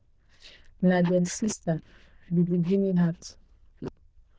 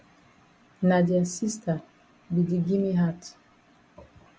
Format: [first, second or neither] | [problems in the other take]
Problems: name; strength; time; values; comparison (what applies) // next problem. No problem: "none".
second | noise reduction (neural diffusion model UNIVERSE++)